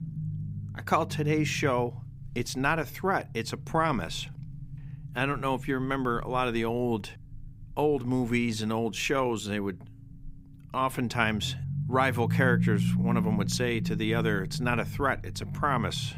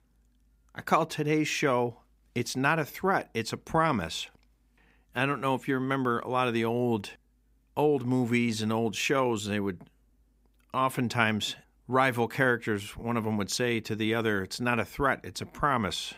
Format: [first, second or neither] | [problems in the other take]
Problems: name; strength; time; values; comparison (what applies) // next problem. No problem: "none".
second | low rumble; noticeable; throughout; 15 dB below the speech